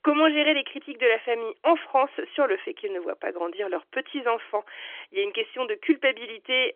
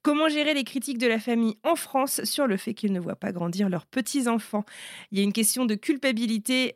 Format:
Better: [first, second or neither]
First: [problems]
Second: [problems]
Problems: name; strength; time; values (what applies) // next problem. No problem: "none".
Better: second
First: phone-call audio; nothing above 3.5 kHz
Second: none